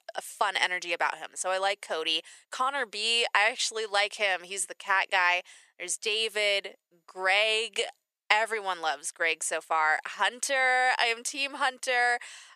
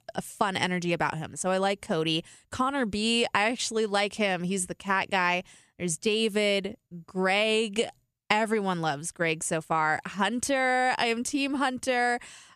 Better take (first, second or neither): second